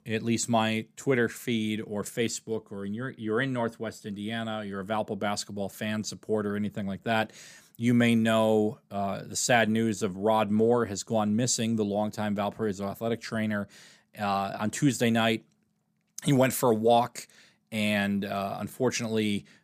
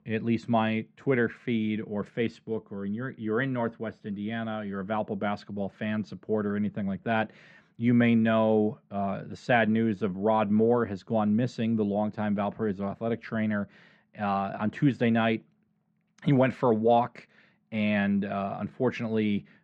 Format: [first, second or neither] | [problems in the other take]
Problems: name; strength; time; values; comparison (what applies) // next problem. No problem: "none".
first | muffled; very; fading above 2.5 kHz